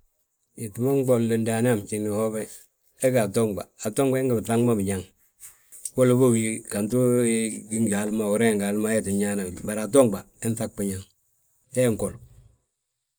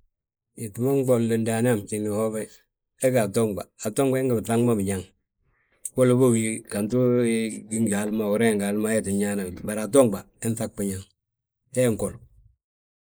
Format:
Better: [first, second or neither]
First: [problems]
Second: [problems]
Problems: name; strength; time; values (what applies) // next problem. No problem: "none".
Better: first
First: none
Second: noise reduction (neural mask model Resemble Enhance denoiser)